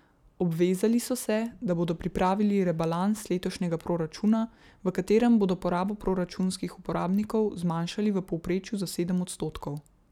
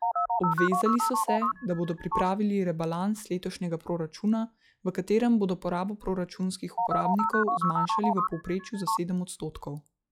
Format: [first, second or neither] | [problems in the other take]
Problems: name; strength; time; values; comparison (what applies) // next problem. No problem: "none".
first | noise reduction (classical method log-MMSE)